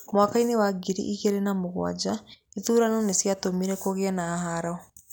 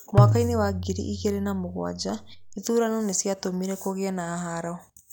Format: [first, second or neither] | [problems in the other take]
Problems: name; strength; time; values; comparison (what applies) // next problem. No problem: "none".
first | background sound (Tabla); 2 dB above the speech